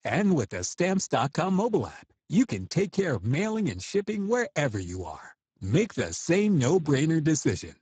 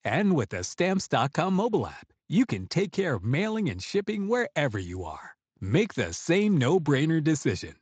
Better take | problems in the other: second | garbled, watery; badly; nothing above 7.5 kHz; slightly in the second

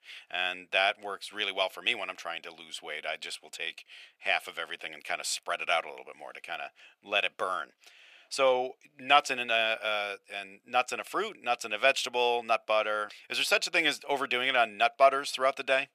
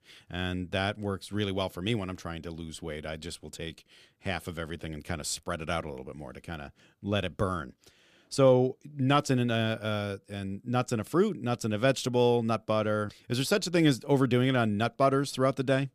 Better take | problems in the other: second | thin; very; fading below 700 Hz

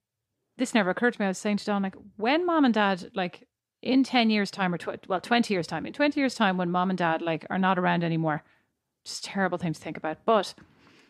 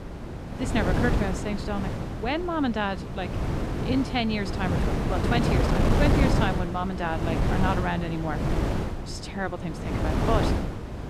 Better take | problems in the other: first | wind noise on the microphone; heavy; 2 dB below the speech

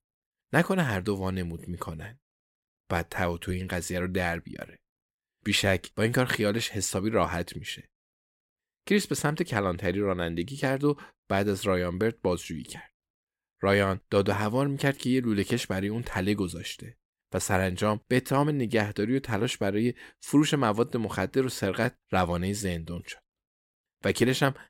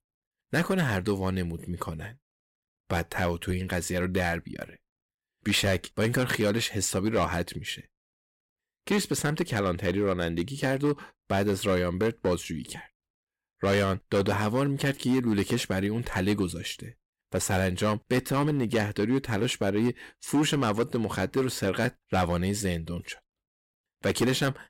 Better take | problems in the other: first | distortion; slight; 6% of the sound clipped

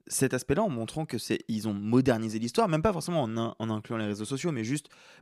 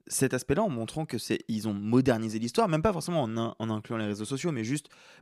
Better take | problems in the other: neither | none

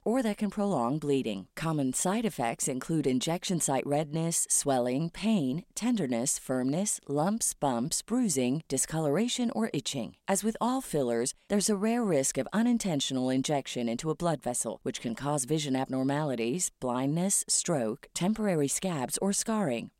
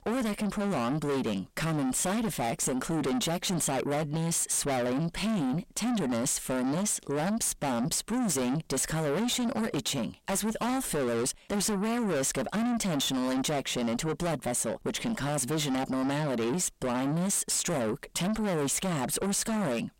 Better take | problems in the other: first | distortion; heavy; 5 dB below the speech

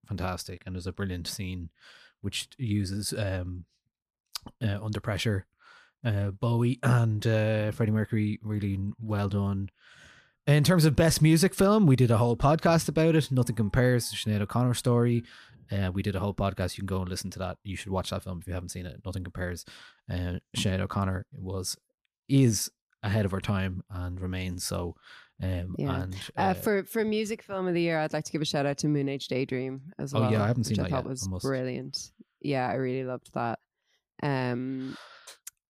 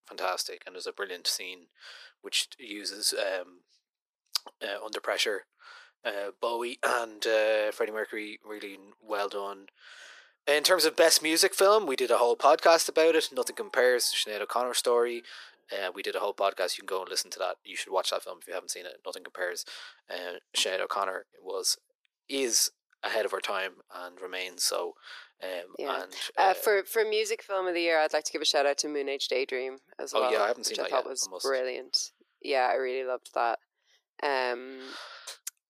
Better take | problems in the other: first | thin; very; fading below 400 Hz

